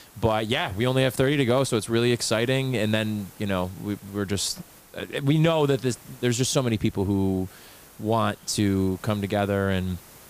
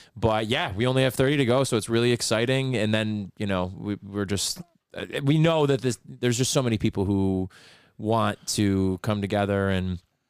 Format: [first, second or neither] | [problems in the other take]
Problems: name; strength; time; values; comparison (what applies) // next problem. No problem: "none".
second | hiss; faint; throughout; 25 dB below the speech